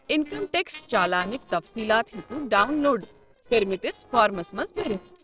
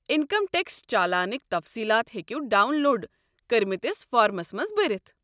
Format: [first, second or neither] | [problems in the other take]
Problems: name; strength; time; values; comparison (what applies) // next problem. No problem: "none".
second | noise reduction (neural separator model SepFormer DNS4)